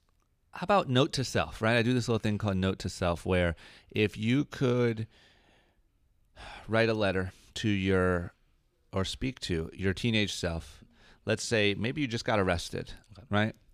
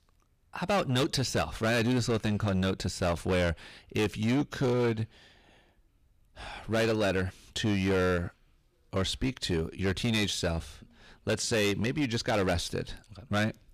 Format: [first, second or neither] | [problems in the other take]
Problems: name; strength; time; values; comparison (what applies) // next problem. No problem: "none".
first | distortion; heavy; 11% of the sound clipped